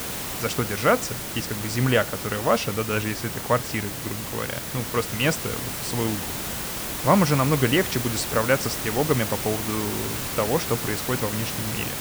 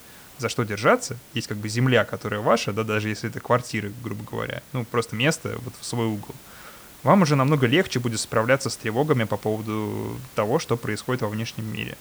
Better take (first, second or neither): second